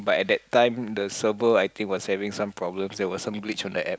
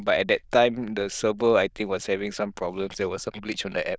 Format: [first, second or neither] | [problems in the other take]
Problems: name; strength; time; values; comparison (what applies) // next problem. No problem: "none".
first | noise reduction (neural diffusion model UNIVERSE++)